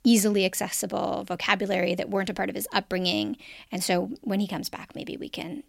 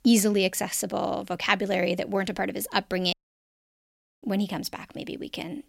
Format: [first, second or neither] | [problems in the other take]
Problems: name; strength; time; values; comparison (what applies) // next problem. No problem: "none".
first | audio cutting out; at 3 s for 1 s